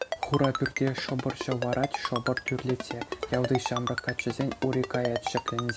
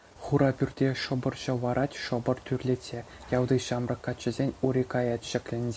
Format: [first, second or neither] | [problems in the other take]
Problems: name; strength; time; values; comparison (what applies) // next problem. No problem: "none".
second | background sound (Ringtone); 5 dB below the speech